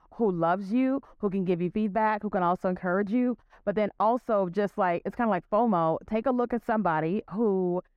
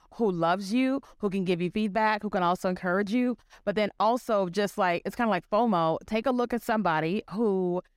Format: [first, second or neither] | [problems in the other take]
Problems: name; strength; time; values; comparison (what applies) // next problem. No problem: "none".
second | muffled; very; fading above 2.5 kHz